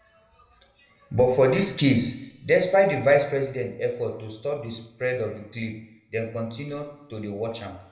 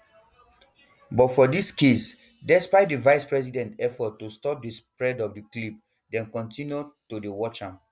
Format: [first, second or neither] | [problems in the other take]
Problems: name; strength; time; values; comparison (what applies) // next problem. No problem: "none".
second | room echo; dies away in 0.7 s